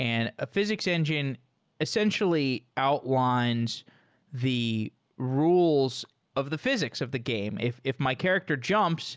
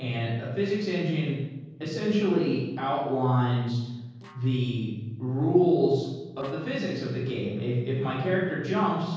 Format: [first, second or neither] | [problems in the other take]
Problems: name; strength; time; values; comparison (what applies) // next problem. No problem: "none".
first | noise reduction (neural separator model SepFormer DNS4)